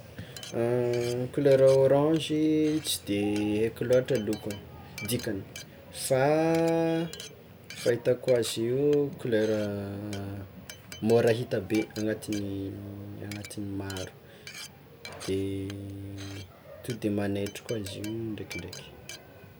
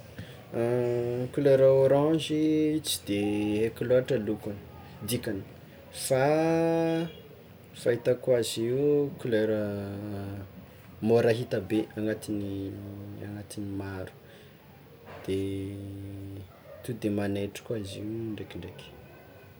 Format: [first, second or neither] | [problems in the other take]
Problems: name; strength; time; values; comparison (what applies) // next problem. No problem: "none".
second | background sound (Glass); 20 dB below the speech